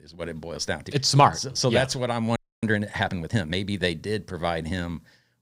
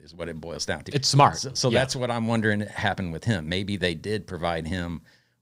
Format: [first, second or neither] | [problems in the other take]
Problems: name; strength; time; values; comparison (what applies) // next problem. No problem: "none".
second | audio freezing; at 2.5 s